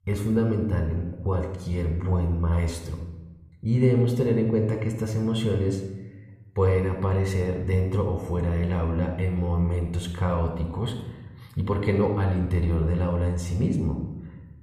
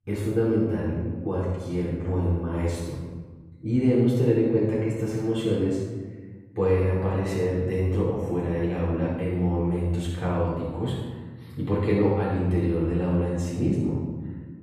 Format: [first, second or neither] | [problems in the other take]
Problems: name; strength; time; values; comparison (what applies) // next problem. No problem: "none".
first | room echo; strong; dies away in 1.3 s; slight in the first // off-mic speech; far